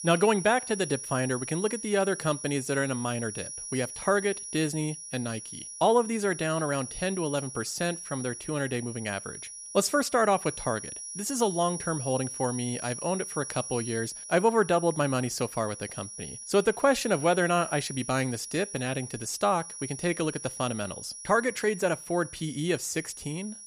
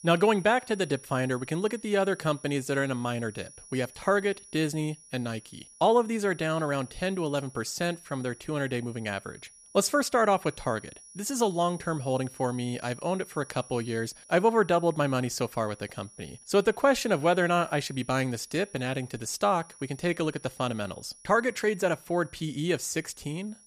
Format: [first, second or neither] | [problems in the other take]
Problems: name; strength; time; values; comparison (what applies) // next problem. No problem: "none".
second | high-pitched whine; loud; throughout; 10.5 kHz, 9 dB below the speech; faint in the second